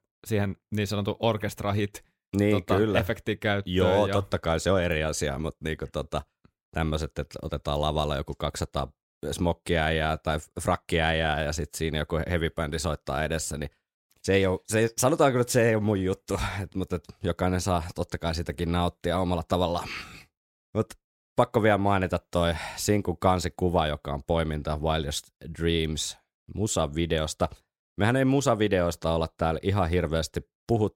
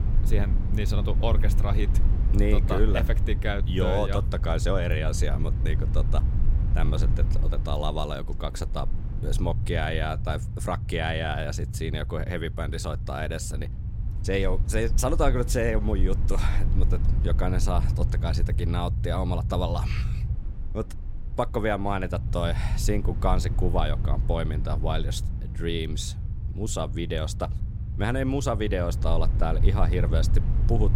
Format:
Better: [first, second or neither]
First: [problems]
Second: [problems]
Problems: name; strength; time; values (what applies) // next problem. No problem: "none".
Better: first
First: none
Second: low rumble; noticeable; throughout; 10 dB below the speech